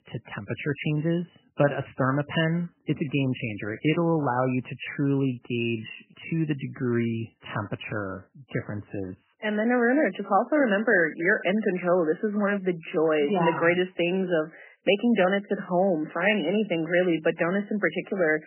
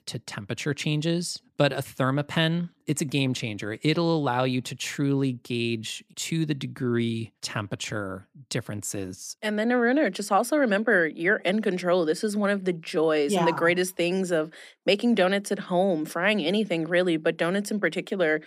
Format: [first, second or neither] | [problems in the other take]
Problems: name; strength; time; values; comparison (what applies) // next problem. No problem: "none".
second | garbled, watery; badly; nothing above 3 kHz